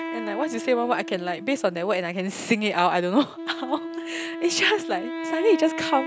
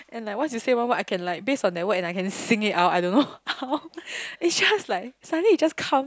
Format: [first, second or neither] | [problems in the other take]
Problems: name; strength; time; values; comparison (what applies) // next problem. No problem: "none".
second | background sound (Wind instrument, woodwind instrument); 9 dB below the speech